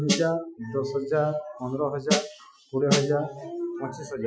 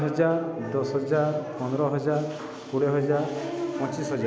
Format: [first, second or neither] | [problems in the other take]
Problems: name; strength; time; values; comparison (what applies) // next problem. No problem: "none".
second | noise reduction (classical method Wiener filter)